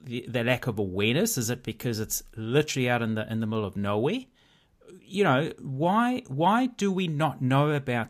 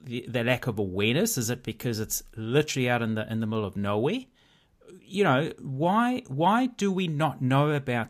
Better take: neither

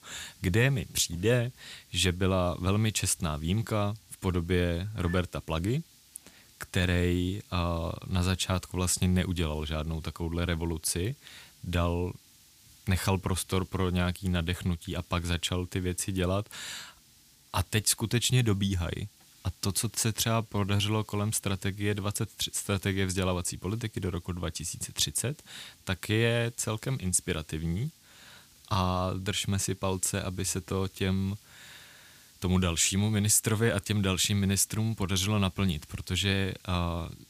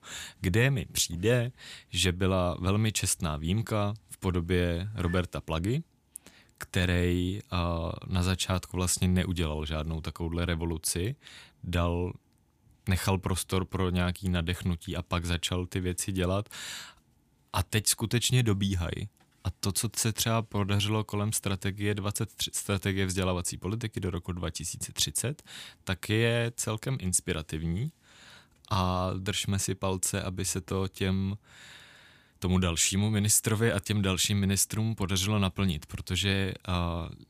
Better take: second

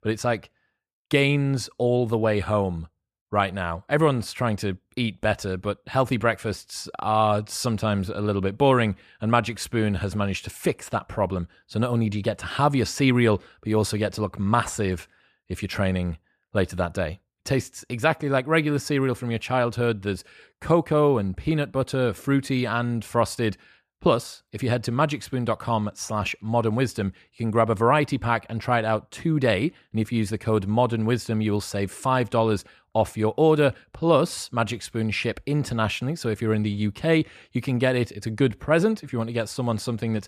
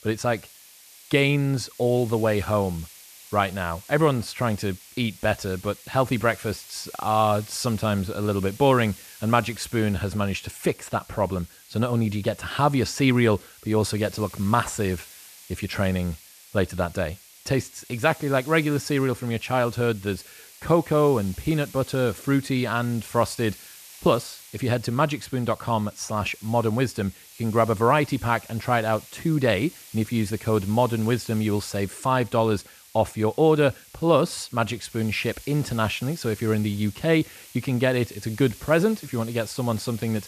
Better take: first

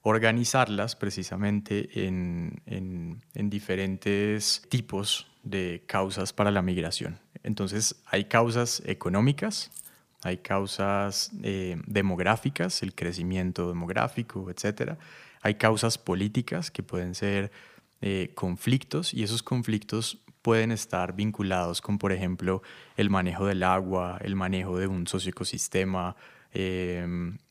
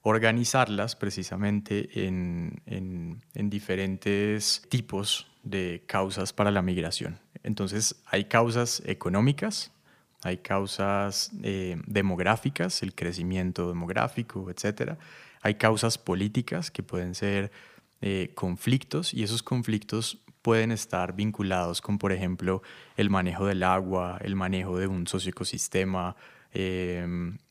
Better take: second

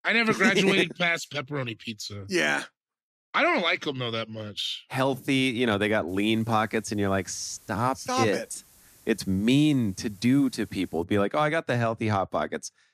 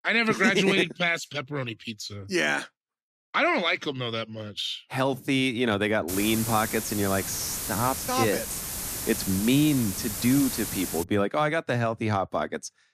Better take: first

